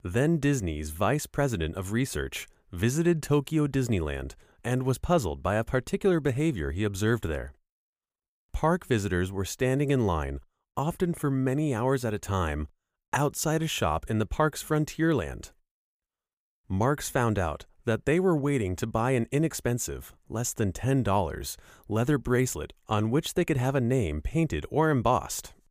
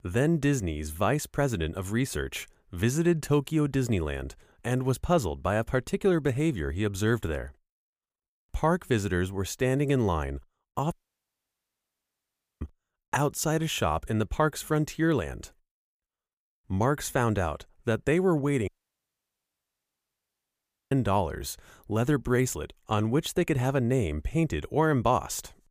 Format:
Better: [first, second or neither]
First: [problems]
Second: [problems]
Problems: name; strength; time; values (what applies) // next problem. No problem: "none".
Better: first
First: none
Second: audio cutting out; at 11 s for 1.5 s and at 19 s for 2 s